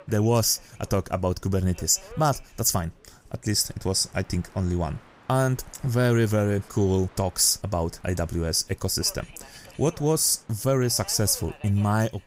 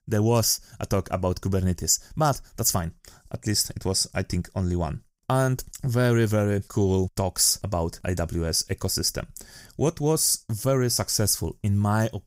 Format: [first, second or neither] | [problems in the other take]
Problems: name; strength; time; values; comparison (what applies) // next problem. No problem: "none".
second | train or aircraft noise; faint; throughout; 25 dB below the speech